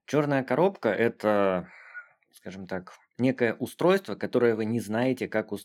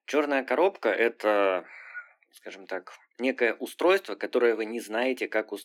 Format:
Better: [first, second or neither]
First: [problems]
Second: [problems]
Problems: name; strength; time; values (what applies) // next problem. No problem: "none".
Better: first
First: none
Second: thin; somewhat; fading below 300 Hz